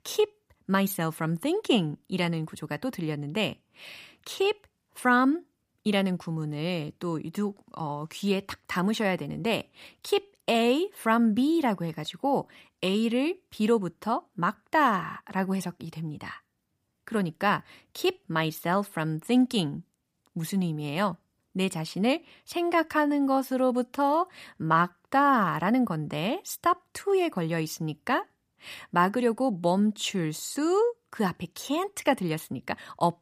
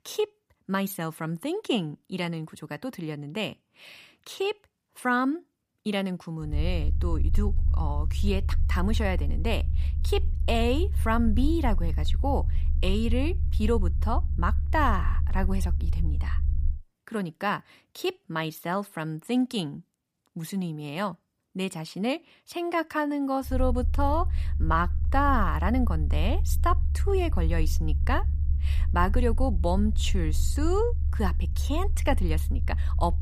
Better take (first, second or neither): first